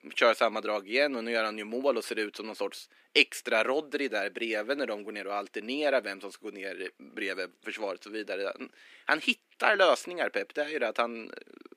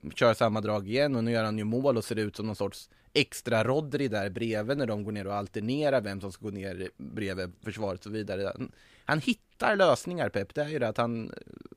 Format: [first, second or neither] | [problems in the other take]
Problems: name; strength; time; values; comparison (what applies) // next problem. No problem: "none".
second | thin; somewhat; fading below 250 Hz